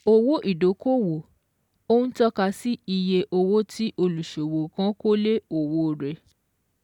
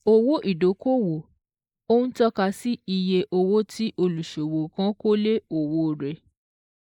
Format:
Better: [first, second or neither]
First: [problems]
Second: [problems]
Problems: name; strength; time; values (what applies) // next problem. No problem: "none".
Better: first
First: none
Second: noise reduction (neural mask model Resemble Enhance denoiser)